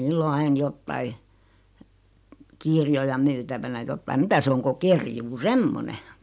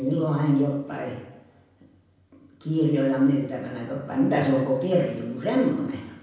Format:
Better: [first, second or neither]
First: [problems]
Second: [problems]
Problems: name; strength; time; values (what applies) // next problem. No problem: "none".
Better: first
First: none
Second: room echo; dies away in 0.9 s